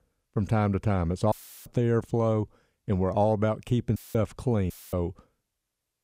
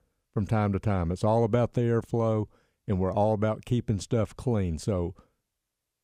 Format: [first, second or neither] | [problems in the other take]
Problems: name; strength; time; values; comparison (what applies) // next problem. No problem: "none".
second | audio cutting out; filled with static; at 1.5 s, at 4 s and at 4.5 s